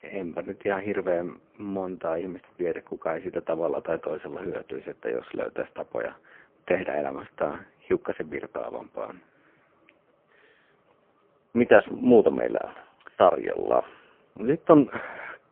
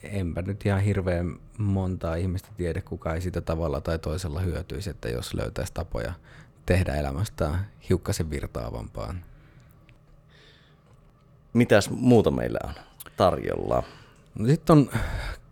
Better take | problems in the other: second | phone-call audio; poor line

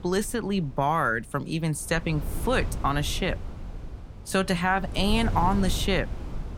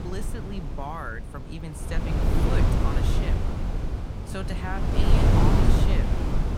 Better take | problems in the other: first | wind noise on the microphone; heavy; 4 dB above the speech; occasional gusts in the first

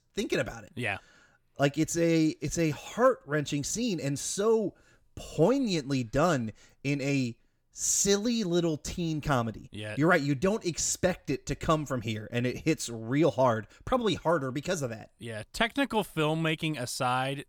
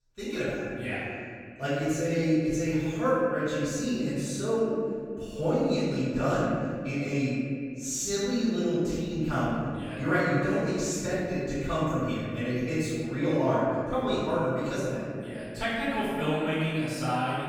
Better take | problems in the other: first | room echo; strong; dies away in 2.3 s // off-mic speech; far

